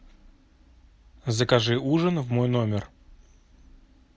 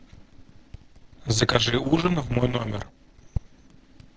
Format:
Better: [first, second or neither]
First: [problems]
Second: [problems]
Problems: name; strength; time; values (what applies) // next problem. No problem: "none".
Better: first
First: none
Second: noise reduction (neural separator model SepFormer DNS4)